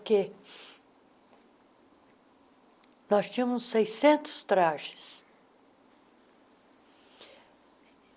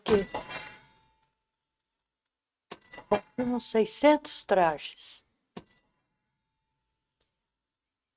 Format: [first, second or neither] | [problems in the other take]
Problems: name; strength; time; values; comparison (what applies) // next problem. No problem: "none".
first | noise reduction (neural mask model RNNoise)